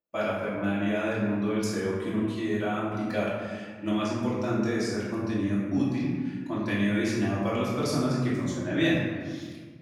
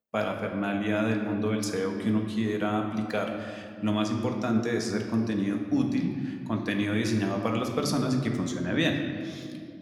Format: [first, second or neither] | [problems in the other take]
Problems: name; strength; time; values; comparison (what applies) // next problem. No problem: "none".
second | room echo; strong; dies away in 1.6 s; slight in the second // off-mic speech; far